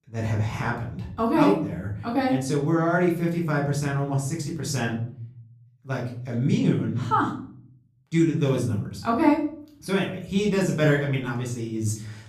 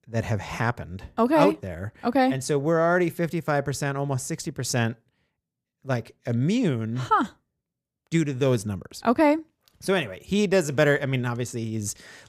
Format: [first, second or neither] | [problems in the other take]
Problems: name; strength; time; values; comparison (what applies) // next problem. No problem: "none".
second | off-mic speech; far // room echo; slight; dies away in 0.6 s